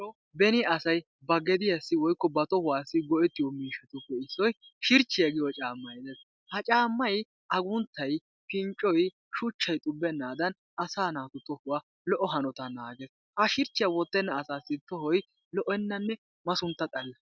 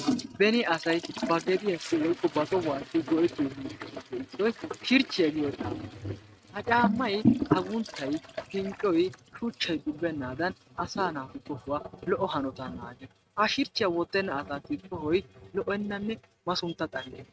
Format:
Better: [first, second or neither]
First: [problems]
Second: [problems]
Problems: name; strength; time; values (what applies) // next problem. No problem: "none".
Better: first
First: none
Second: noise reduction (neural mask model RNNoise)